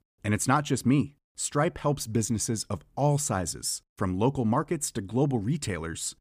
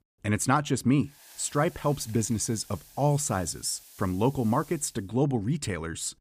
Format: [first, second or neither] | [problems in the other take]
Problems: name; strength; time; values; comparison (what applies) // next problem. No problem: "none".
first | hiss; faint; from 1 to 5 s; 20 dB below the speech